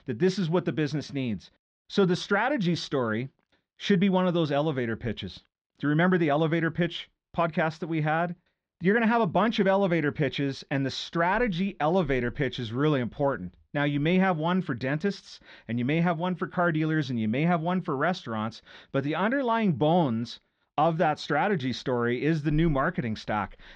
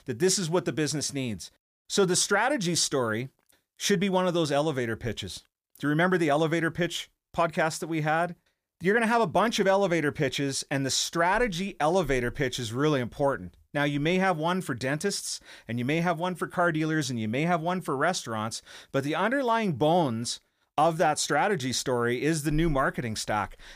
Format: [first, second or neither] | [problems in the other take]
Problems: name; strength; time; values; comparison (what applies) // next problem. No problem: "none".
second | muffled; slightly; fading above 4 kHz